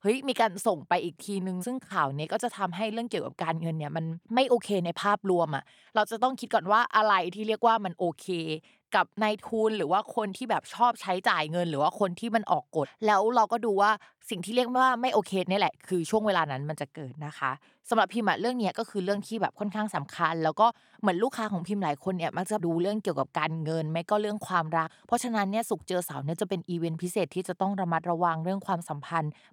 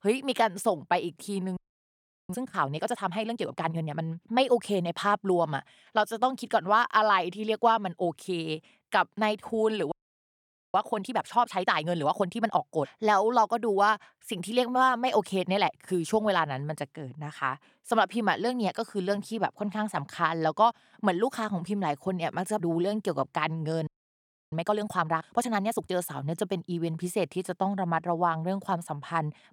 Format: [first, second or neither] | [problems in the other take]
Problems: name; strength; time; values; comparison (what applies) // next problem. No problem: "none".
first | audio freezing; at 1.5 s for 0.5 s, at 10 s for 1 s and at 24 s for 0.5 s